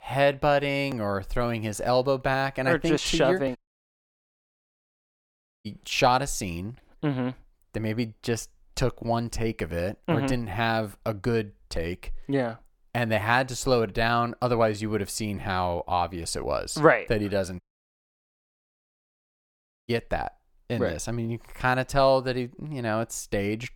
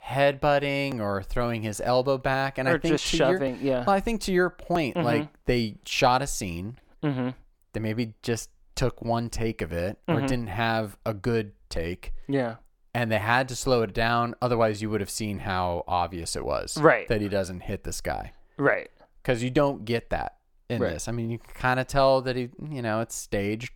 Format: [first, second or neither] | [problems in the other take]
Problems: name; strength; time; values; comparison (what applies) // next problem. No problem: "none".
second | audio cutting out; at 3.5 s for 2 s and at 18 s for 2.5 s